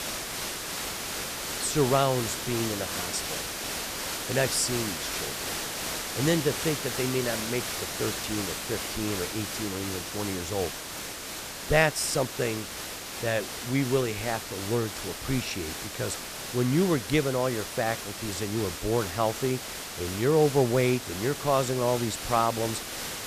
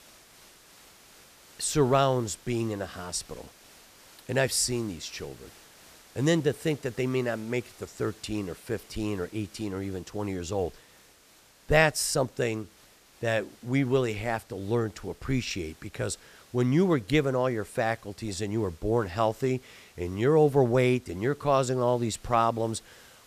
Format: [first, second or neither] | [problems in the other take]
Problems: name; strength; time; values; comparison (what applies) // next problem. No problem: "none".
second | hiss; loud; throughout; 4 dB below the speech; faint in the second